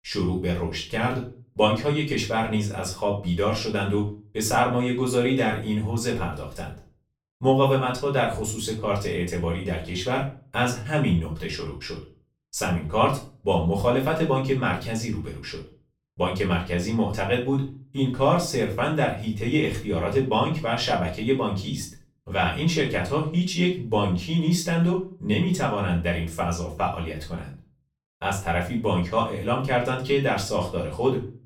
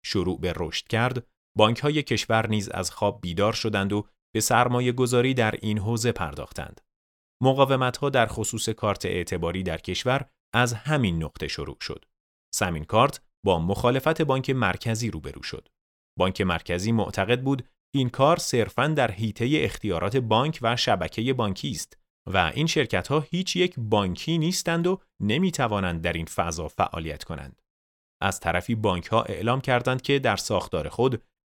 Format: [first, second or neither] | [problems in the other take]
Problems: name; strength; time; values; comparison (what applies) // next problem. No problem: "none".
second | room echo; slight; dies away in 0.3 s // off-mic speech; far